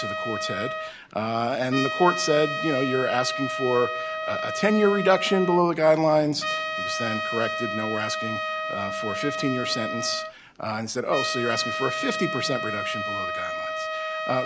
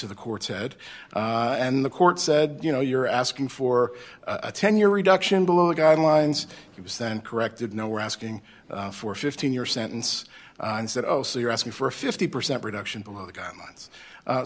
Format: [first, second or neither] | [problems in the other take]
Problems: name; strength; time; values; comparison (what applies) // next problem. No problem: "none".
second | background sound (Trumpet); 4 dB below the speech